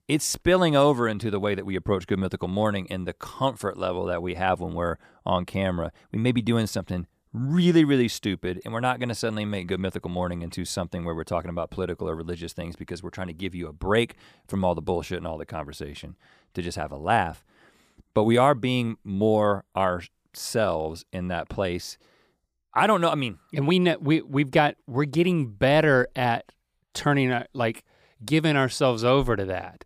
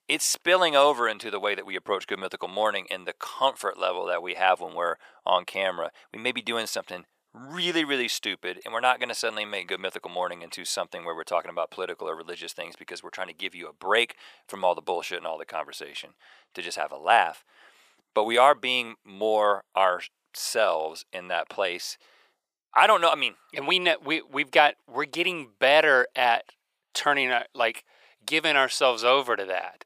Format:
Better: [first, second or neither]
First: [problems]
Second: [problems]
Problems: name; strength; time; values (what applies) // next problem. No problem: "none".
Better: first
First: none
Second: thin; very; fading below 700 Hz